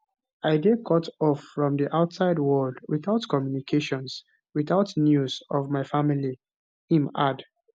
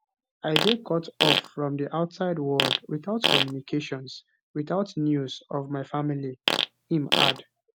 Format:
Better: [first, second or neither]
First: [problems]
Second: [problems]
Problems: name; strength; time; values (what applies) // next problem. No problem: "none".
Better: first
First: none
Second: background sound (Fart); 2 dB above the speech